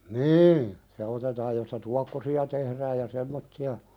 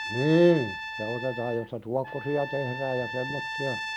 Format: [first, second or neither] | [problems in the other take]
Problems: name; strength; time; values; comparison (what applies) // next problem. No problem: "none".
first | background sound (Trumpet); 8 dB below the speech